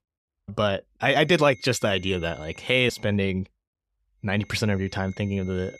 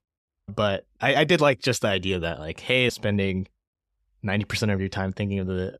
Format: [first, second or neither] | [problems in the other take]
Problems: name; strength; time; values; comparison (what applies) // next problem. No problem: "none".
second | high-pitched whine; faint; from 1.5 to 3 s and from 4.5 s on; 2 kHz, 25 dB below the speech